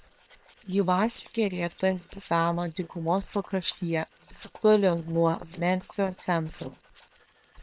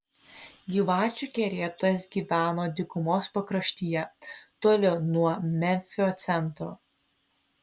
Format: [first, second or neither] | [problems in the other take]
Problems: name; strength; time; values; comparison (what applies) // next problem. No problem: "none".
second | noise reduction (neural separator model SepFormer WHAM!)